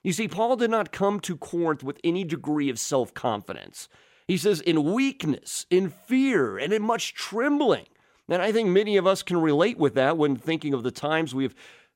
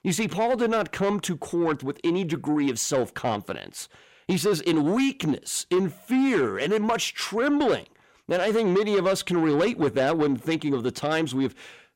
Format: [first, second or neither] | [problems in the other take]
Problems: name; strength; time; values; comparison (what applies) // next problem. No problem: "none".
first | distortion; slight; 10 dB below the speech